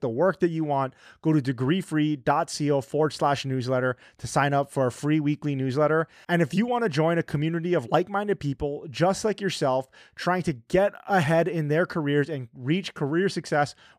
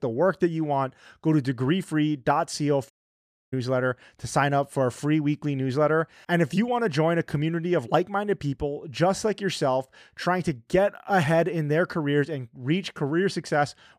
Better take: first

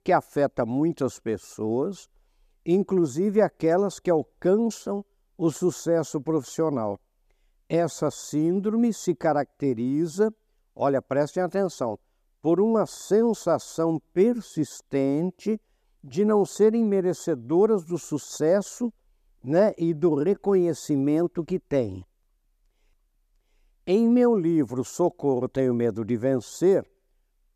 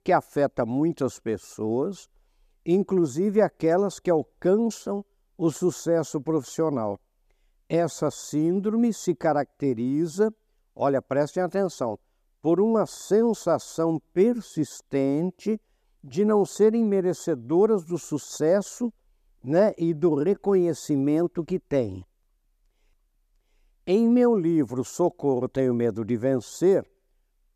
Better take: neither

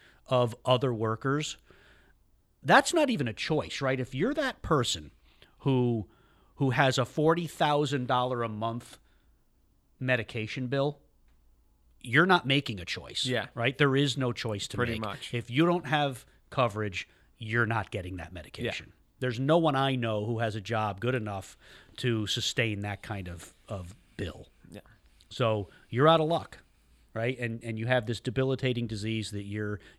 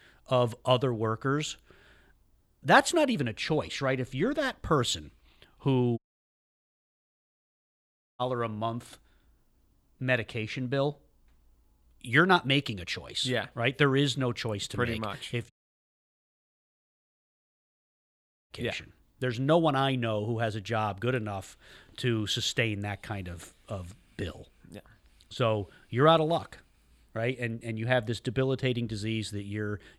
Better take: first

